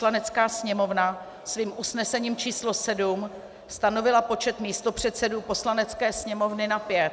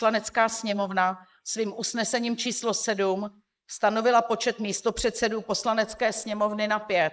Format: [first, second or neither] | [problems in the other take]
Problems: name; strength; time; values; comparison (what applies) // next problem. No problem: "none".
first | noise reduction (neural mask model Resemble Enhance denoiser)